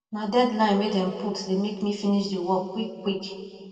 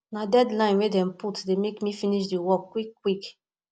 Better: second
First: room echo; dies away in 1.9 s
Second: none

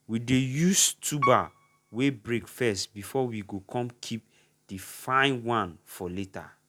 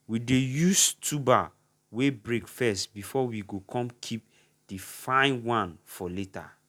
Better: second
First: background sound (Piano); 6 dB below the speech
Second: none

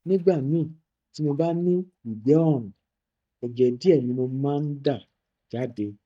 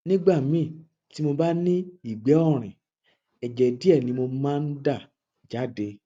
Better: second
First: noise reduction (neural mask model DeepFilterNet 3)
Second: none

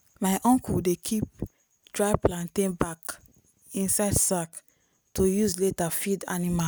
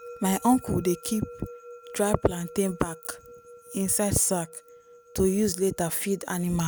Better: first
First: none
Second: background sound (Musical instrument); 19 dB below the speech

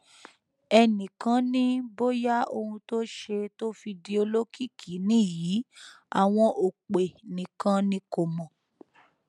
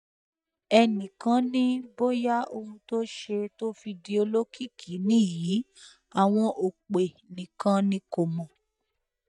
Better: first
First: none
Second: noise reduction (neural mask model DeepFilterNet 3)

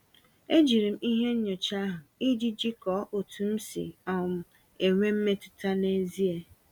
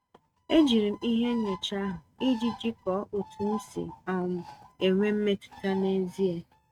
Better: first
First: none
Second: noise reduction (neural mask model RNNoise)

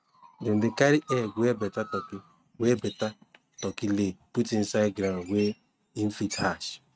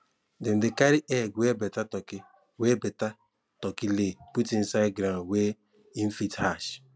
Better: second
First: noise reduction (neural mask model RNNoise)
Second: none

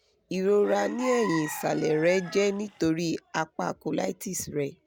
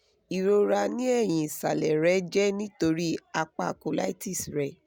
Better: second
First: background sound (Chicken, rooster); 12 dB below the speech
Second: none

